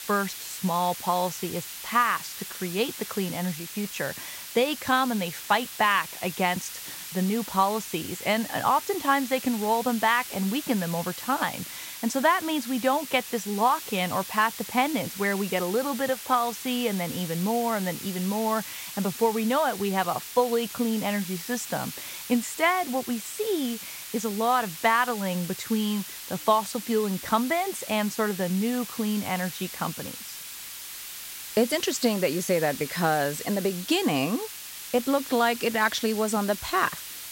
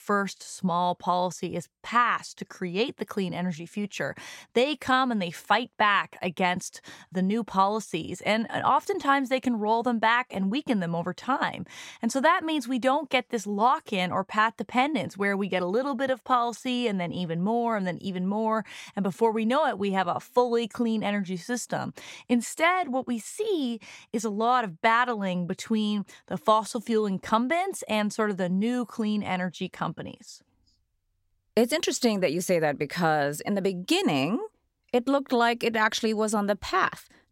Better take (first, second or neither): second